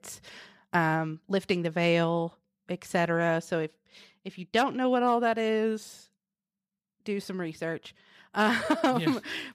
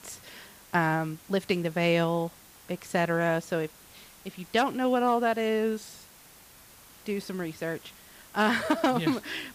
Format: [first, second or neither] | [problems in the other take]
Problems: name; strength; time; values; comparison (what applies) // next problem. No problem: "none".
first | hiss; faint; throughout; 20 dB below the speech